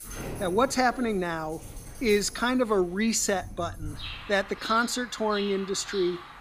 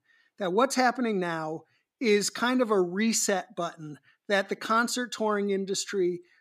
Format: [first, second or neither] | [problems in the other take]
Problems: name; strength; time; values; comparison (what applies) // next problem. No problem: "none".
second | animal sounds; noticeable; throughout; 15 dB below the speech